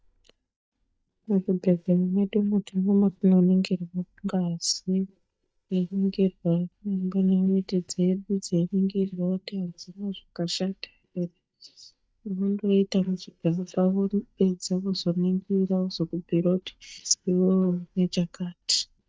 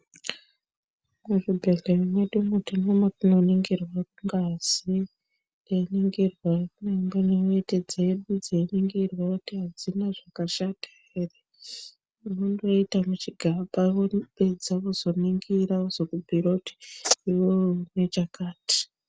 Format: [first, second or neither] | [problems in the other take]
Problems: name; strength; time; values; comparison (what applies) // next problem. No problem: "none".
second | noise reduction (neural mask model DeepFilterNet 3)